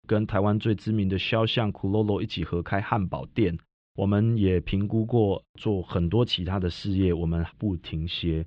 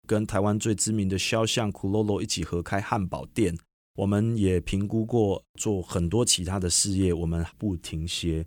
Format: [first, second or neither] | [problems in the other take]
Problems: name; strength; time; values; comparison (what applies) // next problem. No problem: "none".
second | muffled; very; fading above 3.5 kHz